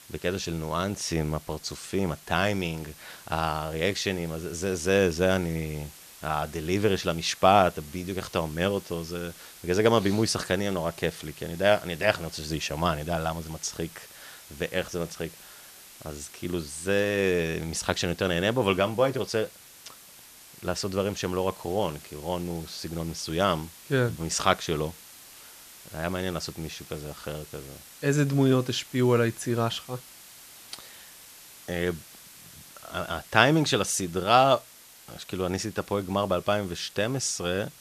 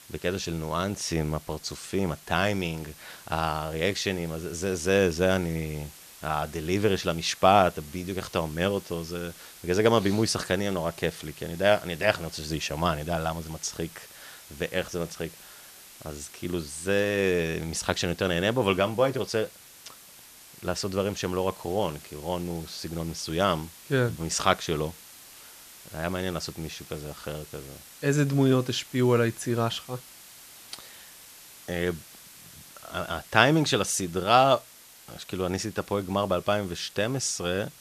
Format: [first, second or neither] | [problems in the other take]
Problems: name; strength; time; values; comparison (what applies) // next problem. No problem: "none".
neither | hiss; noticeable; throughout; 20 dB below the speech; the same in both